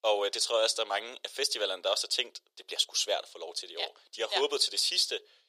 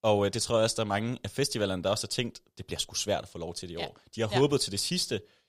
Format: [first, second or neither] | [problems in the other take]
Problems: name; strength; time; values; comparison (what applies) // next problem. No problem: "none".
second | thin; very; fading below 400 Hz